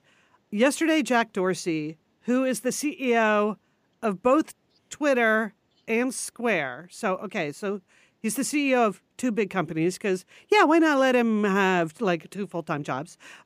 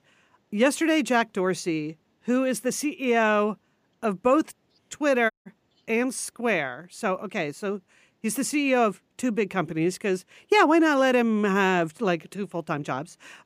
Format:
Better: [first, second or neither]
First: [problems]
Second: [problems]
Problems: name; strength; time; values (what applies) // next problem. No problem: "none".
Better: first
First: none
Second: audio cutting out; at 5.5 s